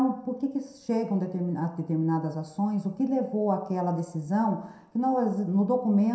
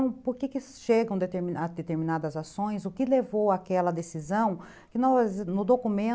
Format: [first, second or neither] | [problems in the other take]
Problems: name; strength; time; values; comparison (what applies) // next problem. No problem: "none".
second | room echo; dies away in 0.7 s